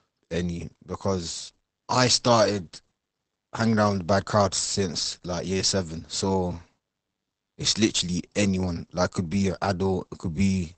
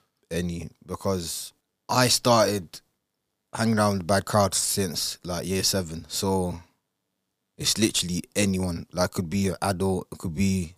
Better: second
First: garbled, watery; badly; nothing above 8 kHz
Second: none

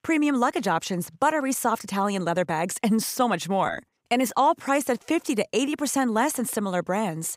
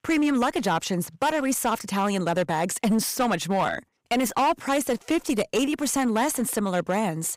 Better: first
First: none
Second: distortion; slight; 10% of the sound clipped

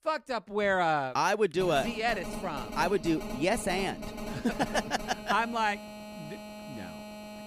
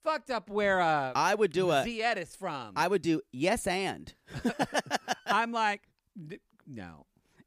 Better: second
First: phone ringing; noticeable; from 1.5 s on; peak 9 dB below the speech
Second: none

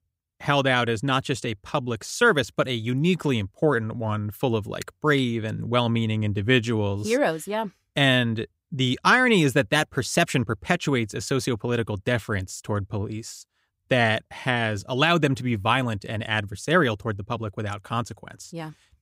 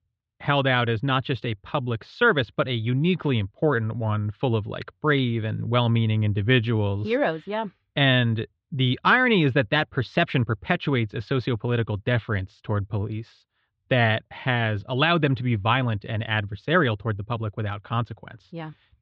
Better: first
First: none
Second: muffled; slightly; fading above 4 kHz

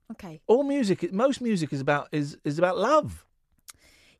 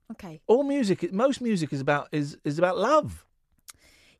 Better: neither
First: none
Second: none

